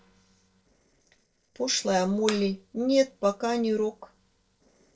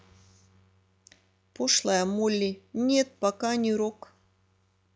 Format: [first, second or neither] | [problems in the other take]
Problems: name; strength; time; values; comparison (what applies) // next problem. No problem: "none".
second | noise reduction (neural separator model SepFormer DNS4)